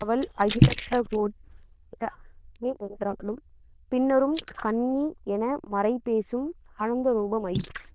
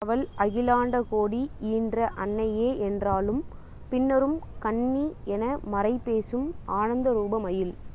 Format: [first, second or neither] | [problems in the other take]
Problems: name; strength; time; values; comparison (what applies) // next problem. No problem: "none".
second | noise reduction (neural diffusion model UNIVERSE++)